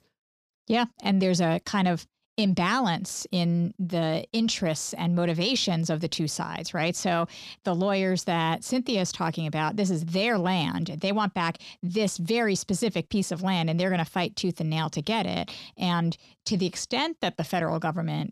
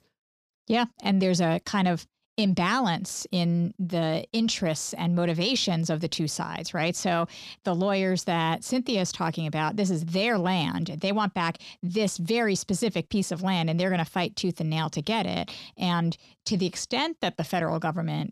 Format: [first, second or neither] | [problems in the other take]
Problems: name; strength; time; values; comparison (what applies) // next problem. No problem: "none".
neither | none